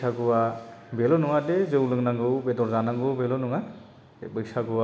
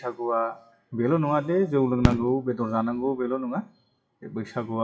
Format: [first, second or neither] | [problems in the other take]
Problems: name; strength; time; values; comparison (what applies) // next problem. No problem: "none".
first | noise reduction (classical method WPE with log-MMSE)